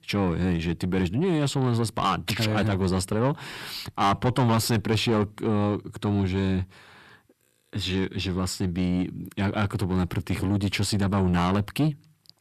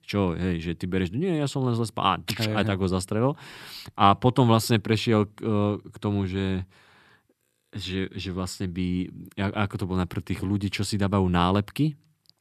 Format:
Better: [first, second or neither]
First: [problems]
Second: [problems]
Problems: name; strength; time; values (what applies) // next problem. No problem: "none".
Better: second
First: distortion; heavy; 7 dB below the speech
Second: none